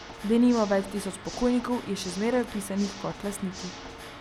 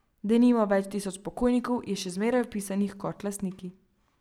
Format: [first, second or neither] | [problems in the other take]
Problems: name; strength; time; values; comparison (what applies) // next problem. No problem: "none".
second | background sound (Water / Mechanisms); 13 dB below the speech